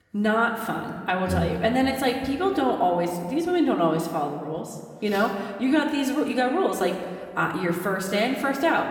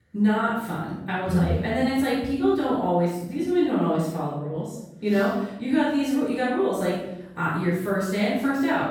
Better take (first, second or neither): first